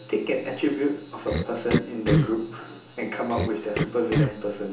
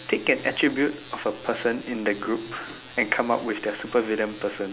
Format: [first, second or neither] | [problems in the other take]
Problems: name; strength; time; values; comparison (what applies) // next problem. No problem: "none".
second | background sound (Cough); as loud as the speech // room echo; dies away in 0.8 s